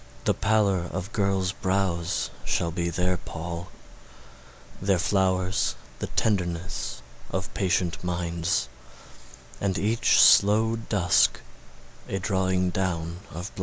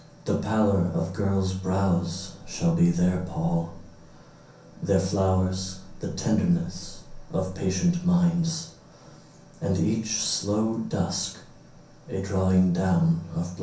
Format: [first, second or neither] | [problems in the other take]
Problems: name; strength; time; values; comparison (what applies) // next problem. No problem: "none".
first | room echo; dies away in 0.6 s